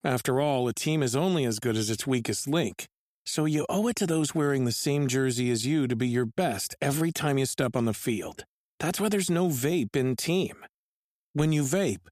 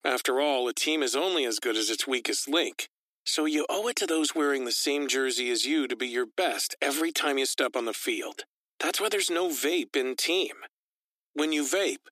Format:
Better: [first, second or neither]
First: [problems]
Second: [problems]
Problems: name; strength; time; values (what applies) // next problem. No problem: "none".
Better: first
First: none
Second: thin; somewhat; fading below 300 Hz